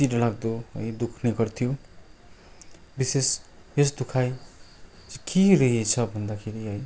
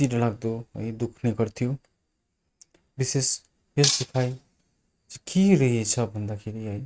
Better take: first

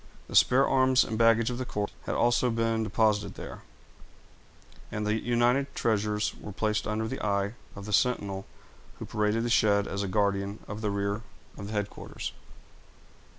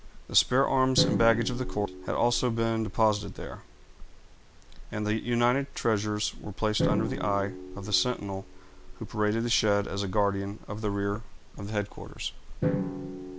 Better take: first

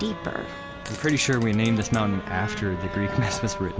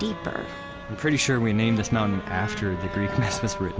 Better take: second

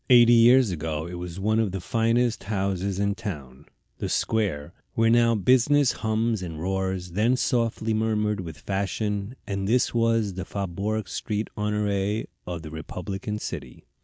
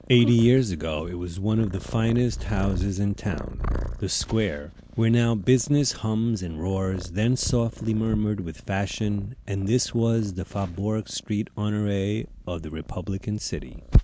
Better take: first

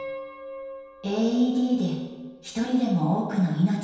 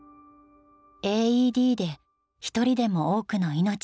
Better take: second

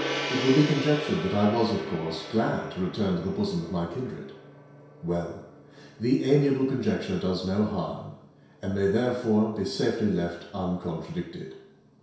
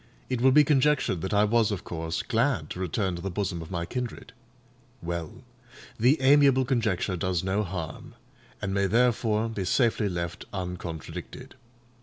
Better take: second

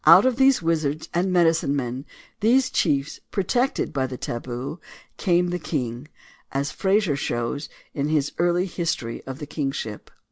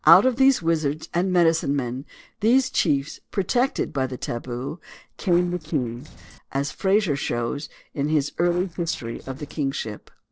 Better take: first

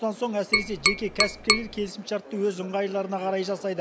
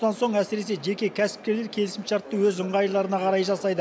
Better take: second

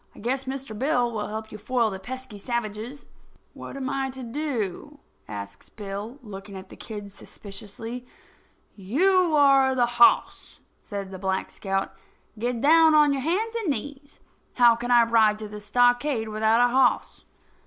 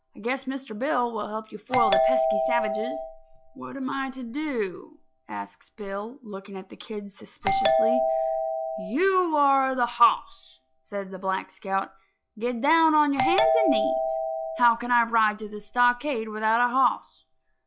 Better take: first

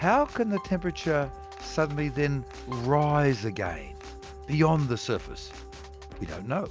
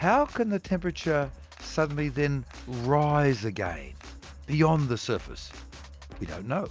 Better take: second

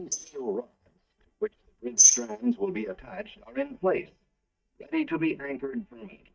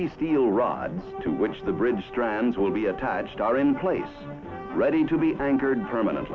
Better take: second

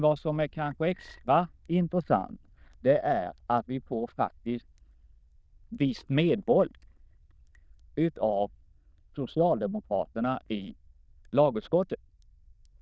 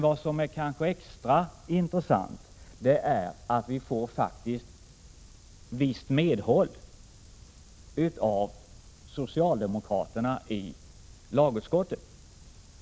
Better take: second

